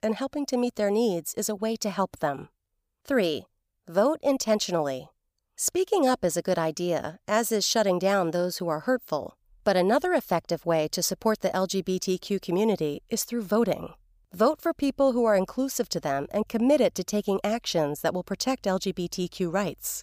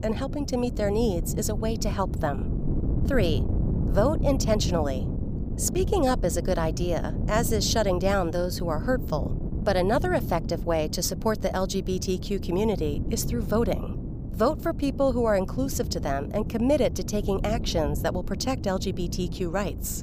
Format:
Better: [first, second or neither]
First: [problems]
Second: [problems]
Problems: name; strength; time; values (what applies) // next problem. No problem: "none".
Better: first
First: none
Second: wind noise on the microphone; occasional gusts; 15 dB below the speech